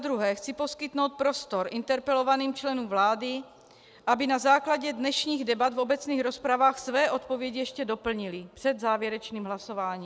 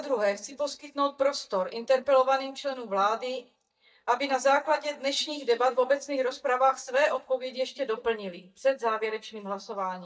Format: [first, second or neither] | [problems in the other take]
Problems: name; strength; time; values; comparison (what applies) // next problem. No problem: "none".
first | noise reduction (neural mask model DeepFilterNet 3)